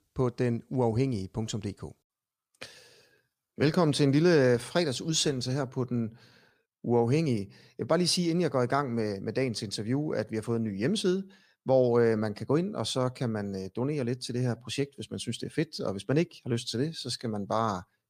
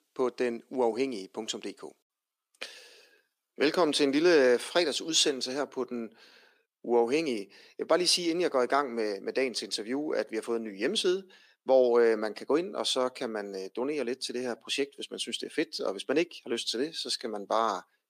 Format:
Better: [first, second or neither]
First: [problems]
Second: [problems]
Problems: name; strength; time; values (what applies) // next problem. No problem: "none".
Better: first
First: none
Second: thin; somewhat; fading below 300 Hz